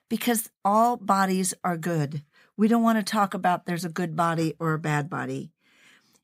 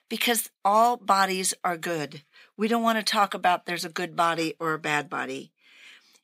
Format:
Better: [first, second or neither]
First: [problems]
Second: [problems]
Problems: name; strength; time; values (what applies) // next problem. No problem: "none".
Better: first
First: none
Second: thin; somewhat; fading below 300 Hz